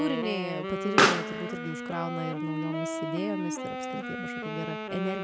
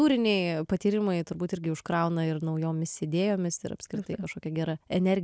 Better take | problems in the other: second | background sound (Explosion + Wind instrument, woodwind instrument); 3 dB above the speech

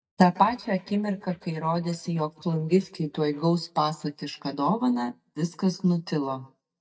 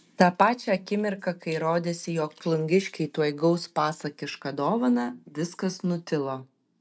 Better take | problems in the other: second | noise reduction (neural mask model DeepFilterNet 3)

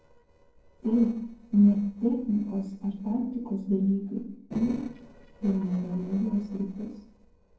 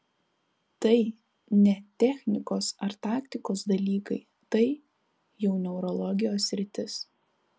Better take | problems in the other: second | noise reduction (neural separator model SepFormer DNS4)

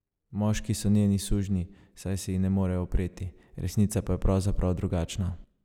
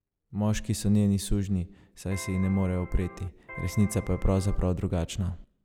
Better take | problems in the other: first | background sound (Electric guitar); 17 dB below the speech

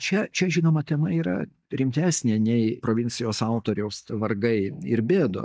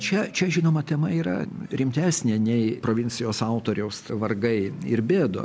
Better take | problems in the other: second | noise reduction (neural mask model DeepFilterNet 3)

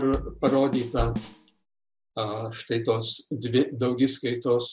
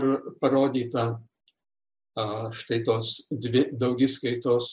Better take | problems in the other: second | background sound (Bass drum / Snare drum / Drum kit); 7 dB below the speech

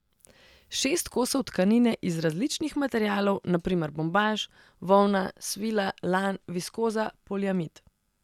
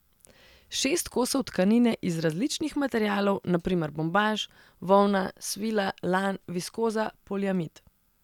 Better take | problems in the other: second | noise reduction (neural mask model DeepFilterNet 3)

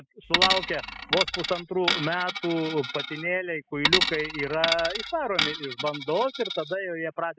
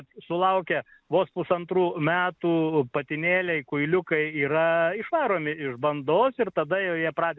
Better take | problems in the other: second | noise reduction (classical method spectral subtraction)

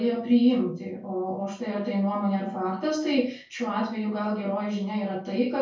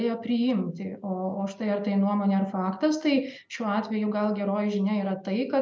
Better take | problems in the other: second | room echo; dies away in 0.2 s

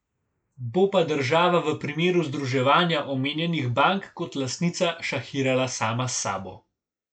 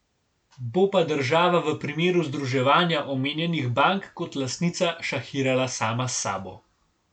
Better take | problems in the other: second | noise reduction (neural mask model Resemble Enhance denoiser)

